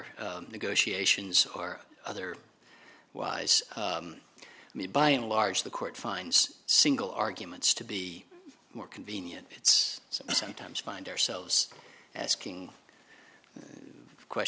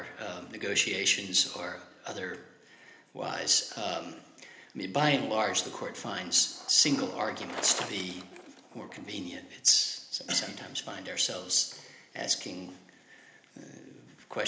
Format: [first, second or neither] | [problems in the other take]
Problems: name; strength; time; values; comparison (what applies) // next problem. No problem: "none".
first | background sound (Bicycle); 18 dB below the speech // room echo; dies away in 0.8 s